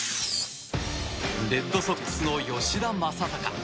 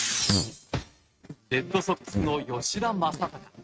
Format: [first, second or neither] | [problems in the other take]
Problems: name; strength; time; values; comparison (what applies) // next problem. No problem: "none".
first | noise reduction (neural mask model RNNoise)